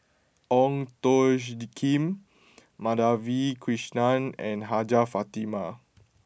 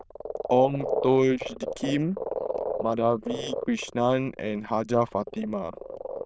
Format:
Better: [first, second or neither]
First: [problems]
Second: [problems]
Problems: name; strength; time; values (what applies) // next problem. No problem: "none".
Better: first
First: none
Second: noise reduction (neural diffusion model UNIVERSE++)